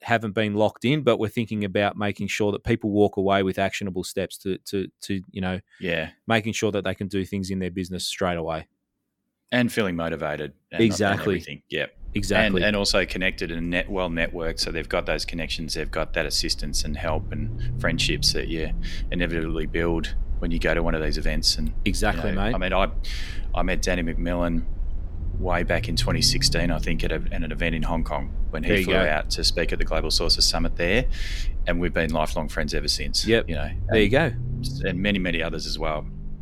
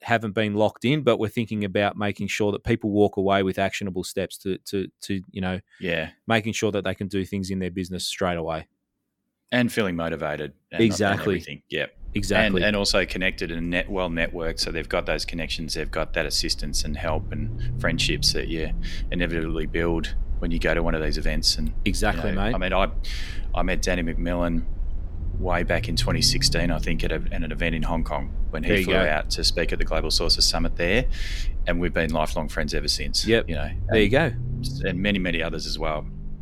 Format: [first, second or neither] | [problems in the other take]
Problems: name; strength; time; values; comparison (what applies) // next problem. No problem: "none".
neither | low rumble; faint; from 12 s on; 25 dB below the speech; the same in both